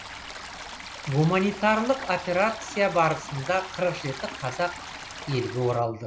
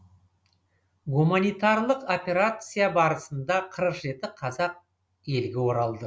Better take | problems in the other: second | background sound (Stream); 12 dB below the speech

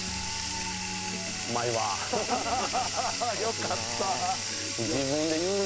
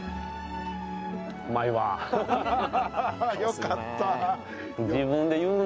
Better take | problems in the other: second | background sound (Bathtub (filling or washing)); 2 dB below the speech

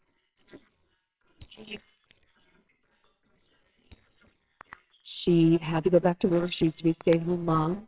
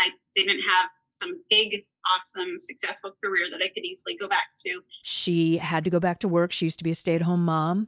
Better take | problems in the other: second | noise reduction (neural separator model SepFormer WHAMR!)

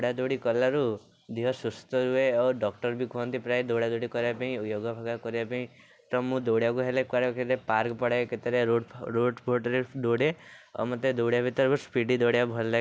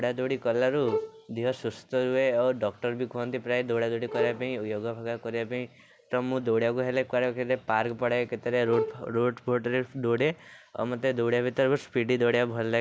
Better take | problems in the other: first | background sound (Bowed string instrument); 8 dB below the speech

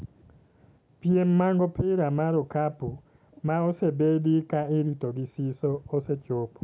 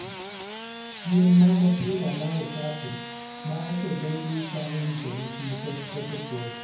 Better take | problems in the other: first | background sound (Engine starting / Sawing); 12 dB below the speech // room echo; dies away in 0.9 s

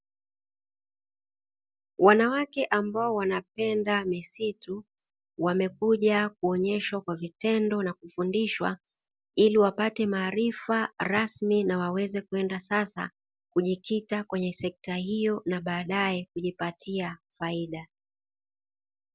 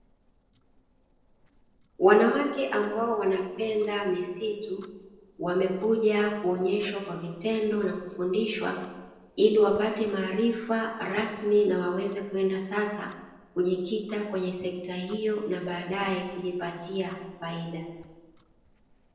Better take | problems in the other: first | noise reduction (neural separator model SepFormer DNS4)

